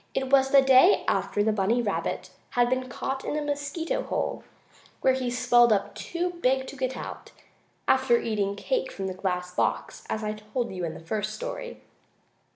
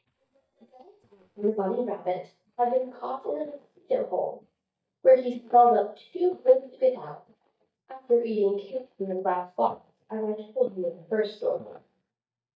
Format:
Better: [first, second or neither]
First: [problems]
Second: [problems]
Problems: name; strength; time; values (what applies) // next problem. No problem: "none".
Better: first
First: none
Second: noise reduction (neural mask model DeepFilterNet 3)